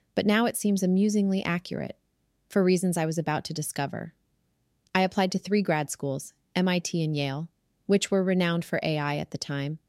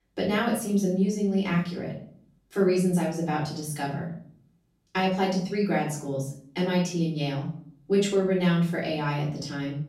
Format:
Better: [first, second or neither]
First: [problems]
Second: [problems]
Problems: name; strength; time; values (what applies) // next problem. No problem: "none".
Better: first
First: none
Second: off-mic speech; far // room echo; noticeable; dies away in 0.5 s